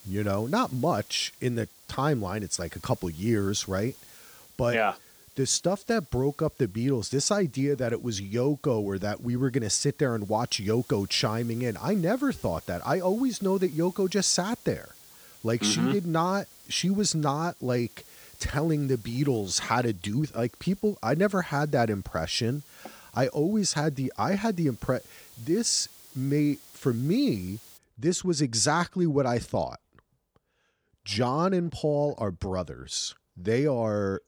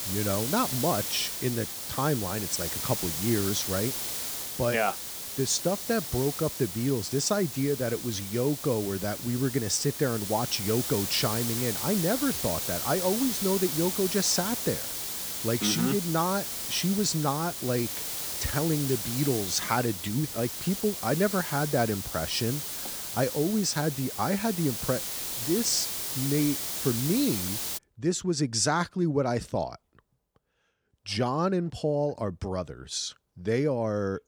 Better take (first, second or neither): first